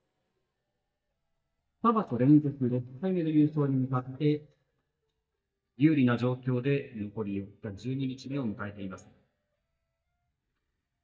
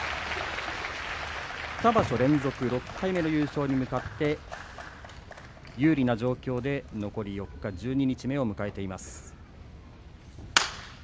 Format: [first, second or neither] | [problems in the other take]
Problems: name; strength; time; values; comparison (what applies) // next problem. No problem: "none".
second | noise reduction (neural mask model DeepFilterNet 3)